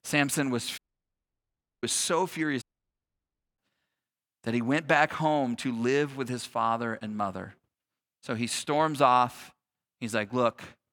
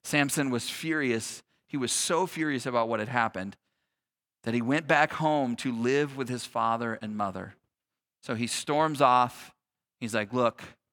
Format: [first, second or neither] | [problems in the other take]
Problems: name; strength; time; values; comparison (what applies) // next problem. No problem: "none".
second | audio cutting out; at 1 s for 1 s and at 2.5 s for 1 s